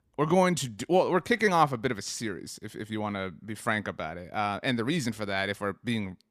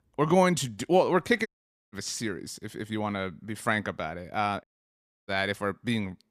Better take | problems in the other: first | audio cutting out; at 1.5 s and at 4.5 s for 0.5 s

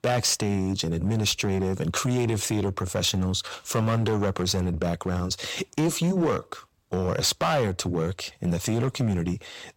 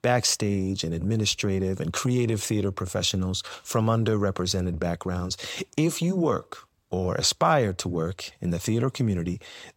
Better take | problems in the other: second | distortion; slight; 9% of the sound clipped

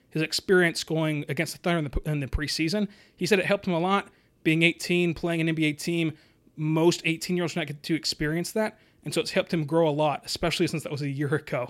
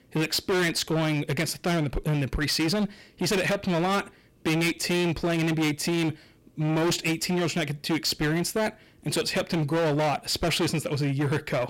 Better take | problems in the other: first | distortion; heavy; 24% of the sound clipped

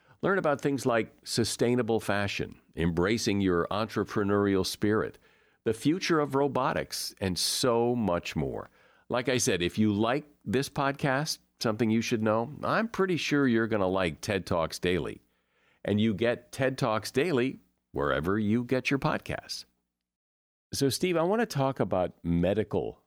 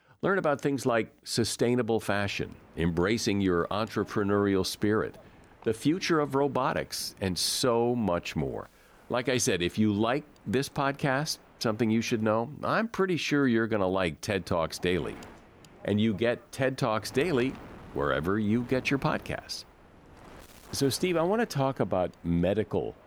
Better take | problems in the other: first | wind noise on the microphone; occasional gusts; from 2 to 12 s and from 14 s on; 25 dB below the speech

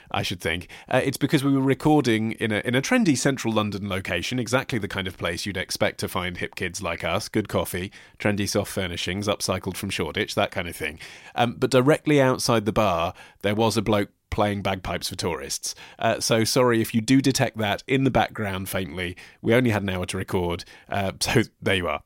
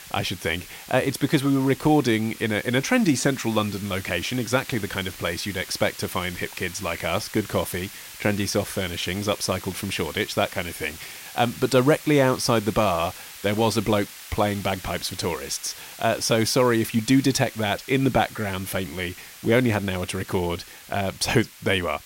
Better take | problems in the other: first | hiss; noticeable; throughout; 15 dB below the speech

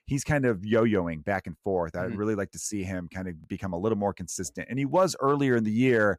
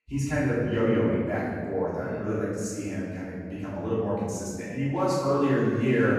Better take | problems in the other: first | off-mic speech; far // room echo; strong; dies away in 1.9 s

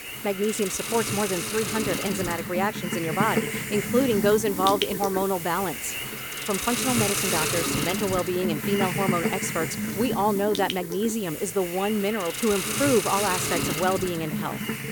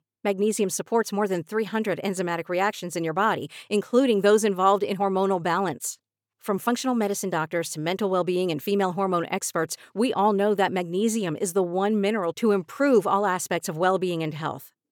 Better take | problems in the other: second | hiss; loud; throughout; 2 dB below the speech

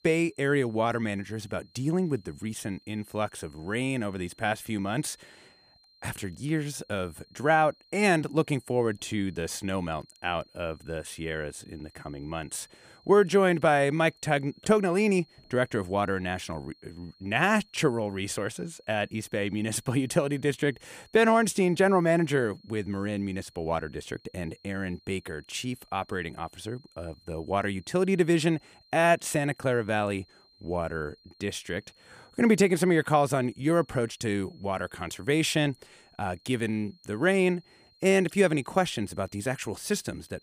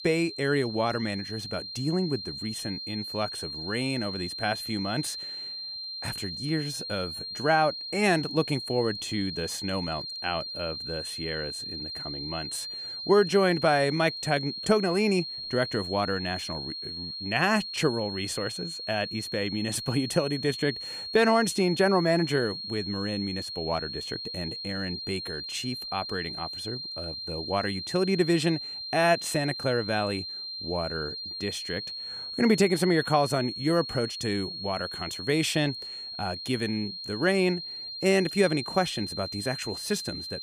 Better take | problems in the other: first | high-pitched whine; loud; throughout; 4 kHz, 6 dB below the speech; faint in the first

